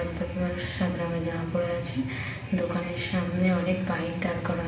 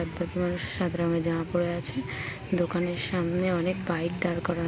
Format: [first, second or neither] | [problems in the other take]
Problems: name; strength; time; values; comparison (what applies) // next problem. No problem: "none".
second | room echo; dies away in 0.9 s